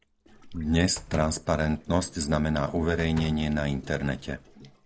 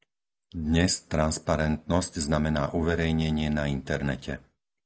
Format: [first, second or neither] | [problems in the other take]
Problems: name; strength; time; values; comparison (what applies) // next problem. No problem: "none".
second | background sound (Slam + Gurgling); 16 dB below the speech